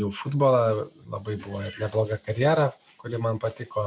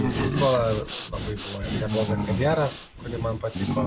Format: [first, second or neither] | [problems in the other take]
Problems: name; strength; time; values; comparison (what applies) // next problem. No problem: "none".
first | background sound (Animal + Breathing); 2 dB below the speech